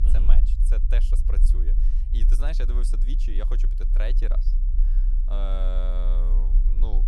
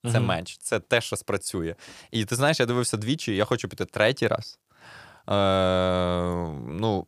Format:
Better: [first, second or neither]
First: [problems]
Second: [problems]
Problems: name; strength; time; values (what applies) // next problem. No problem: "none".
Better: second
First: low rumble; loud; throughout; 8 dB below the speech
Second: none